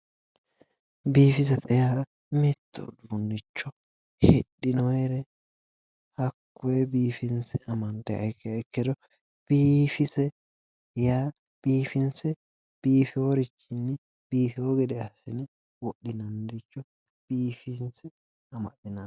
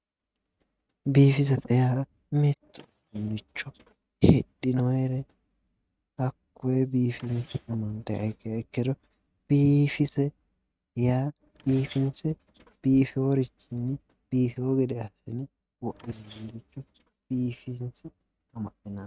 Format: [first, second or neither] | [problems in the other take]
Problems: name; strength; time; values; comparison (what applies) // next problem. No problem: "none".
first | noise reduction (neural mask model RNNoise)